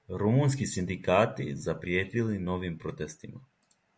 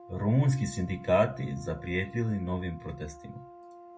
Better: first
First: none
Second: background sound (Brass instrument); 19 dB below the speech // room echo; dies away in 0.4 s

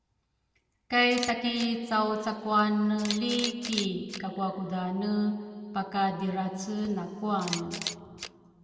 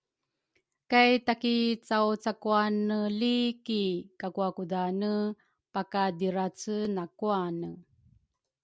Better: second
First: background sound (Camera); 13 dB below the speech // room echo; dies away in 2.4 s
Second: none

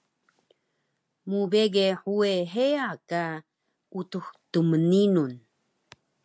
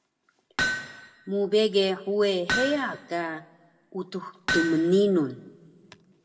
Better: first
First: none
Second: background sound (Hammer); 6 dB below the speech // room echo; dies away in 0.6 s

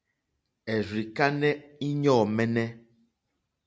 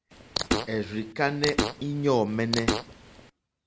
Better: first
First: none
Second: background sound (Fart); 2 dB below the speech

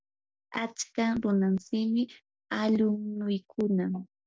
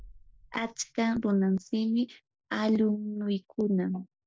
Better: first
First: none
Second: noise reduction (neural mask model Resemble Enhance denoiser)

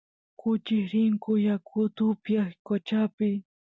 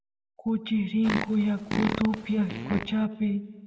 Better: first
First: none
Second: background sound (Fart); 5 dB below the speech // room echo; dies away in 1.2 s

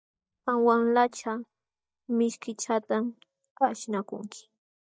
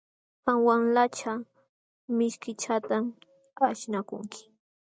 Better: second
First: noise reduction (neural mask model DeepFilterNet 3)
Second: none

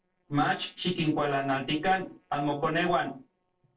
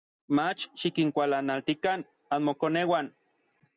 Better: second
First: noise reduction (neural separator model SepFormer DNS4)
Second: none

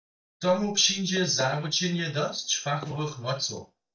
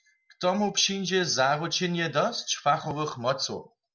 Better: second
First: noise reduction (neural mask model DeepFilterNet 3)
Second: none

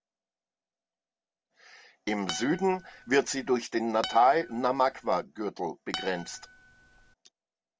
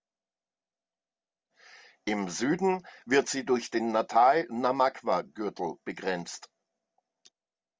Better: second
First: background sound (Acoustic guitar); 13 dB below the speech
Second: none

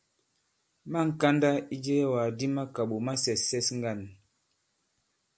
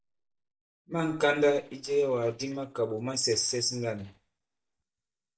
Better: first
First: none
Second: noise reduction (neural mask model DeepFilterNet 3)

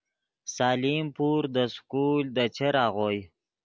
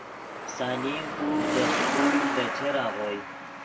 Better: first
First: none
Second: background sound (Truck); 2 dB above the speech // room echo; dies away in 0.2 s

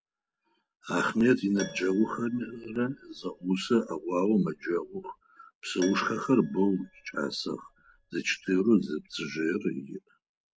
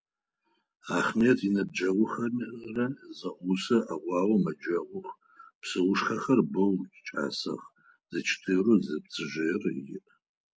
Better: second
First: background sound (Keyboard (musical)); 20 dB below the speech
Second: none

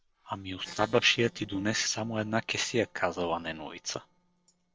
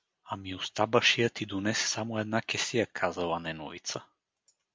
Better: second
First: noise reduction (neural separator model SepFormer DNS4)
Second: none

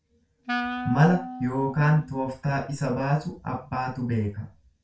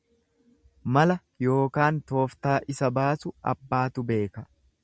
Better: second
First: background sound (Wind instrument, woodwind instrument); 9 dB below the speech // room echo; dies away in 0.3 s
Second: none

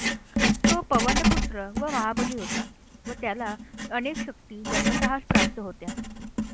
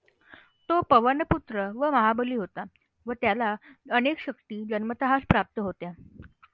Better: second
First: background sound (Writing); 4 dB above the speech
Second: none

